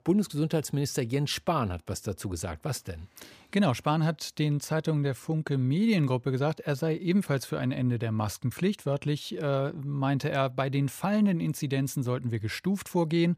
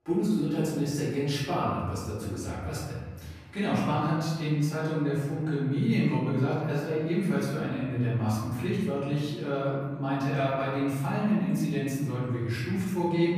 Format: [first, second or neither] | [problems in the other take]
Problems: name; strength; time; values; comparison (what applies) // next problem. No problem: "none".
first | room echo; strong; dies away in 1.3 s // off-mic speech; far